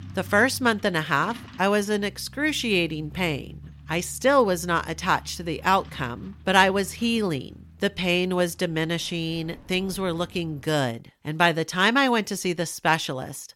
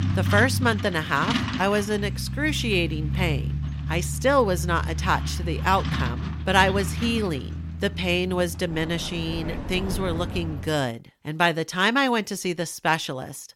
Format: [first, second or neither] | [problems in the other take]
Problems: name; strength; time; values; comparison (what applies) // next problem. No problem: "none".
first | traffic noise; loud; until 11 s; 5 dB below the speech; faint in the first